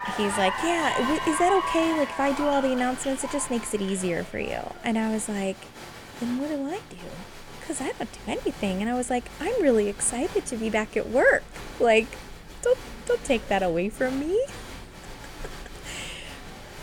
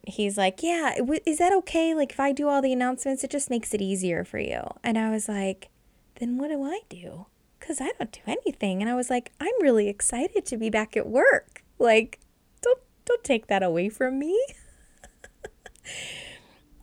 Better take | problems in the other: second | crowd noise; noticeable; throughout; 10 dB below the speech

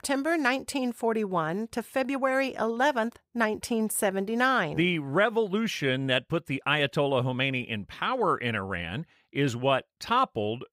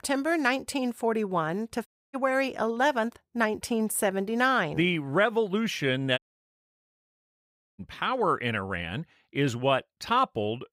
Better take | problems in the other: first | audio cutting out; at 2 s and at 6 s for 1.5 s

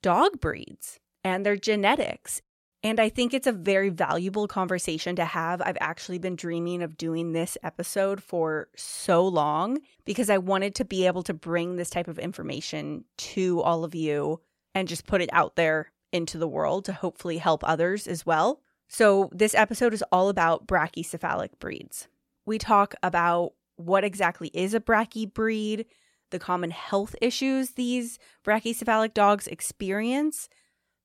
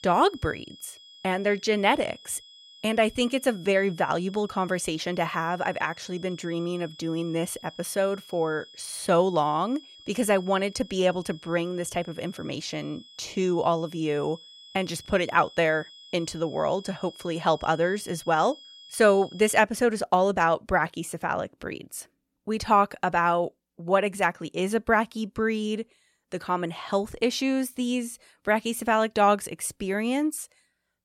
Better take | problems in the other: first | high-pitched whine; faint; until 20 s; 3.5 kHz, 20 dB below the speech

